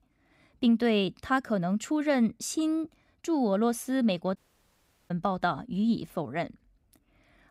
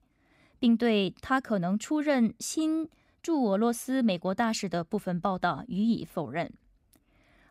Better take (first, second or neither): second